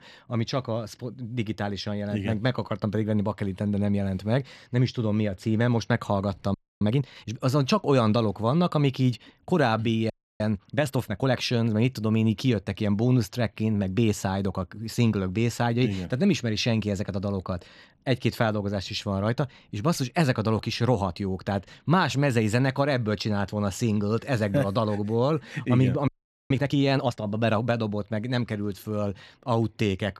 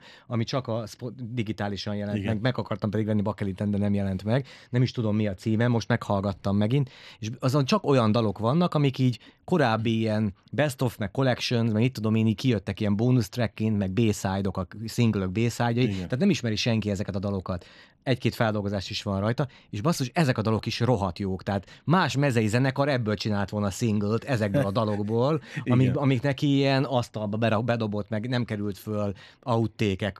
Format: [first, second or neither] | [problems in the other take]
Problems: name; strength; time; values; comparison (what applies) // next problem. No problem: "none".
second | audio freezing; at 6.5 s, at 10 s and at 26 s